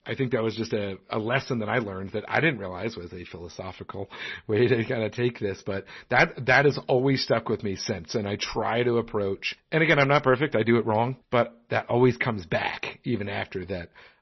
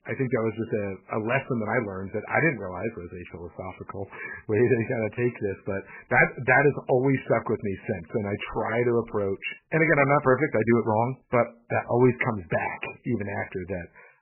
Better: first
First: garbled, watery; slightly; nothing above 6 kHz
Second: garbled, watery; badly; nothing above 2.5 kHz

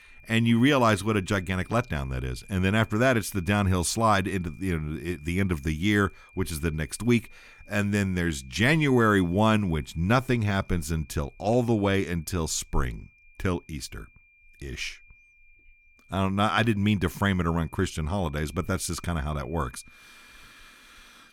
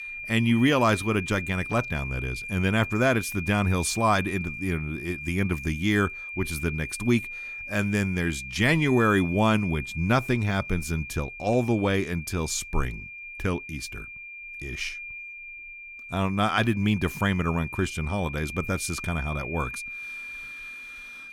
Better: first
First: high-pitched whine; faint; throughout; 2.5 kHz, 30 dB below the speech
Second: high-pitched whine; loud; throughout; 2.5 kHz, 10 dB below the speech

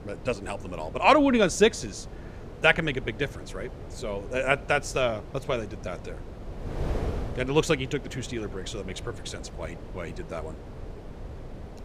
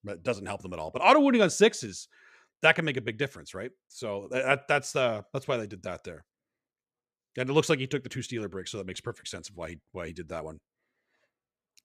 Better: second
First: wind noise on the microphone; occasional gusts; 20 dB below the speech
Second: none

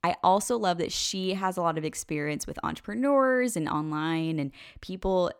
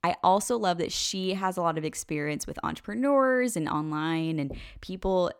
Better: first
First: none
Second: door banging; faint; at 4.5 s; peak 15 dB below the speech

